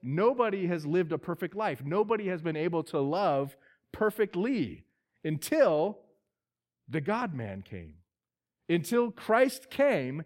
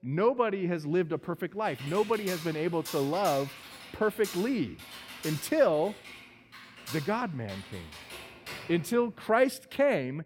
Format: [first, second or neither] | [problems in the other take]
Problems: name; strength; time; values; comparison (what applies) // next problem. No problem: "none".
first | keyboard typing; noticeable; from 1.5 to 9.5 s; peak 9 dB below the speech